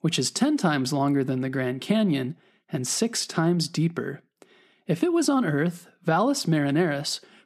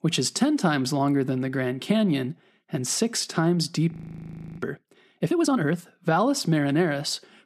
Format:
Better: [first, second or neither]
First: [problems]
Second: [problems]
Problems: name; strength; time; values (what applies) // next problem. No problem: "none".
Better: first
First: none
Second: audio freezing; at 4 s for 0.5 s